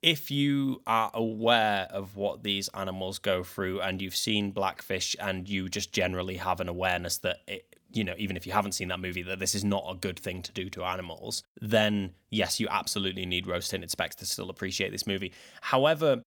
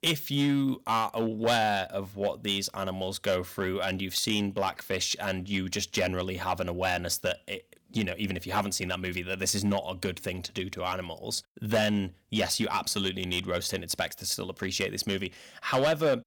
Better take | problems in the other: first | distortion; slight; 3% of the sound clipped

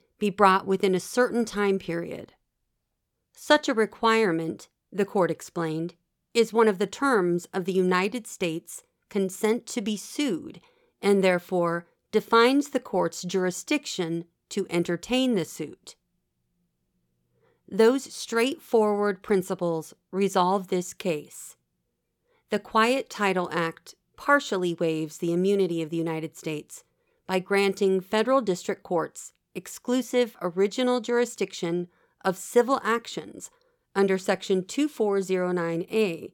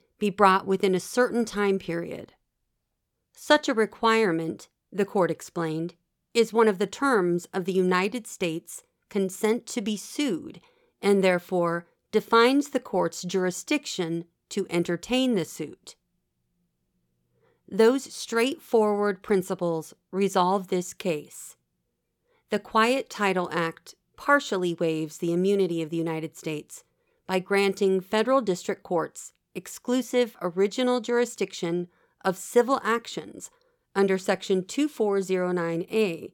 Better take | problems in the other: neither | none

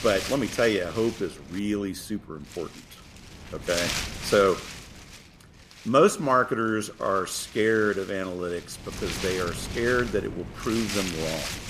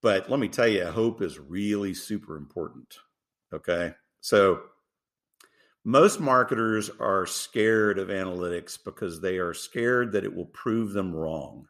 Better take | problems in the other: second | wind noise on the microphone; heavy; 8 dB below the speech

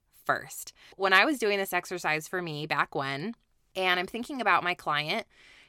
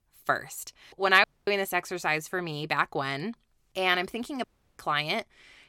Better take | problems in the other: first | audio cutting out; at 1 s and at 4.5 s

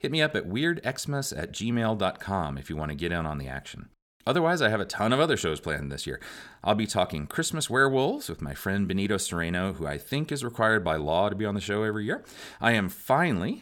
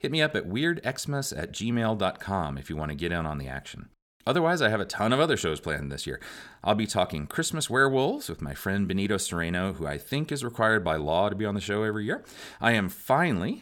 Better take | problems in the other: neither | none

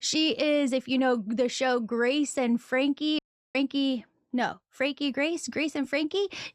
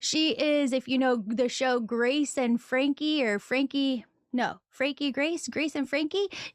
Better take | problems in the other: second | audio cutting out; at 3 s

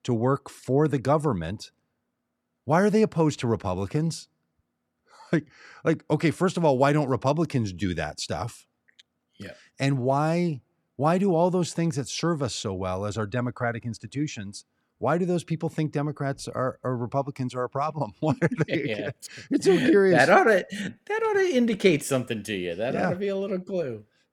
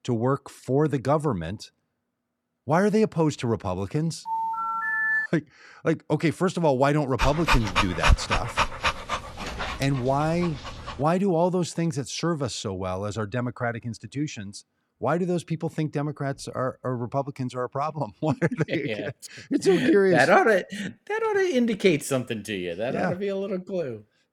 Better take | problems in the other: first | phone ringing; loud; from 4.5 to 5.5 s; peak 3 dB above the speech // dog barking; loud; from 7 to 9.5 s; peak 4 dB above the speech

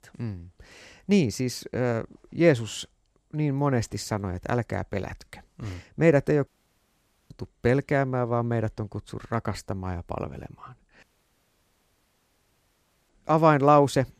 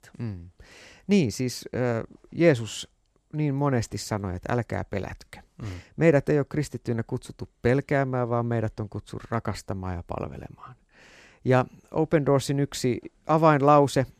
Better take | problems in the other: second | audio cutting out; at 6.5 s for 1 s and at 11 s for 2 s

